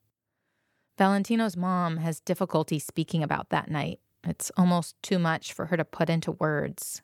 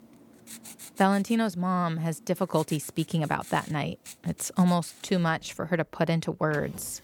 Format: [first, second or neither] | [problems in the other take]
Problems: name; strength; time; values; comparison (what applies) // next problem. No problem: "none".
first | household noises; noticeable; throughout; 20 dB below the speech